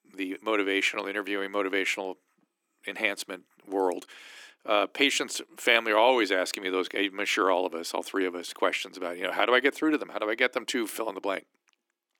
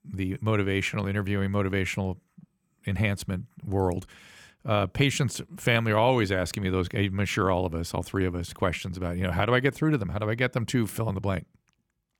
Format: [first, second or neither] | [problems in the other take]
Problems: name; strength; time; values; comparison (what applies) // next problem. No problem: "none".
second | thin; somewhat; fading below 300 Hz